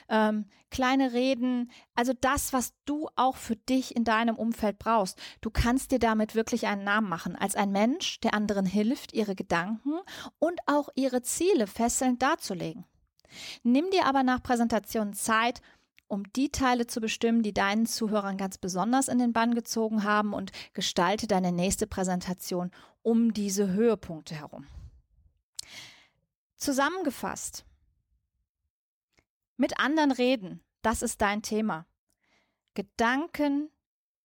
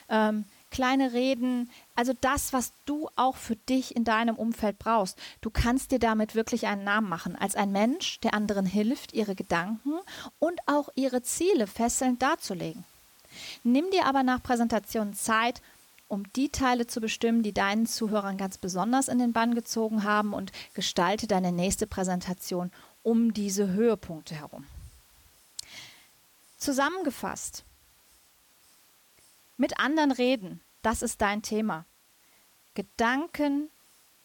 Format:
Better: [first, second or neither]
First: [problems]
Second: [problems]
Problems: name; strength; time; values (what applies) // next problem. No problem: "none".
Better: first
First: none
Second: hiss; faint; throughout; 30 dB below the speech